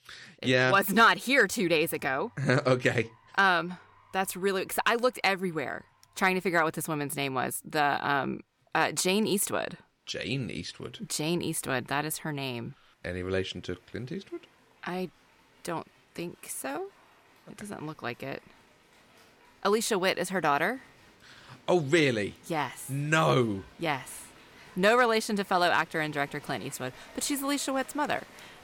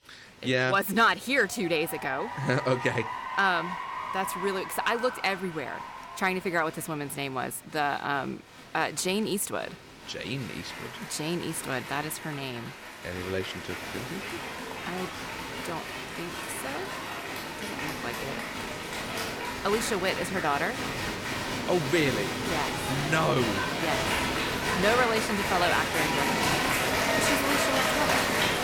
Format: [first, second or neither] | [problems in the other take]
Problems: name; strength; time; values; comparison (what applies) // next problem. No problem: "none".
first | crowd noise; loud; throughout; 1 dB below the speech; faint in the first